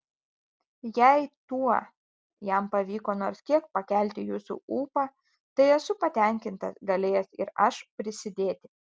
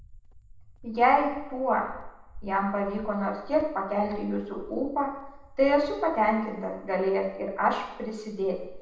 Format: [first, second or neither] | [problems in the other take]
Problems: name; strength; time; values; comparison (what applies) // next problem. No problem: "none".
first | background sound (Cricket); 17 dB below the speech // room echo; dies away in 0.8 s